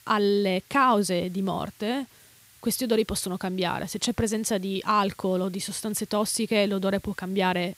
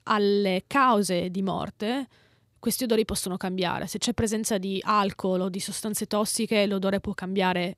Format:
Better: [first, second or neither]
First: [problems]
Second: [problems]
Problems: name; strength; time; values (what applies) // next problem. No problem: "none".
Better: second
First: hiss; faint; throughout; 25 dB below the speech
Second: none